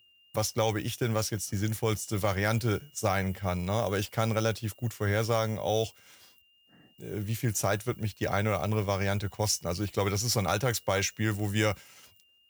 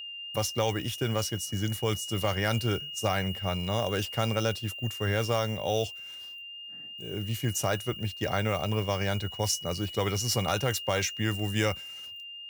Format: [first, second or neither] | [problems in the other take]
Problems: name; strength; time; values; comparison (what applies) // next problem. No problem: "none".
first | high-pitched whine; loud; throughout; 3 kHz, 8 dB below the speech; faint in the first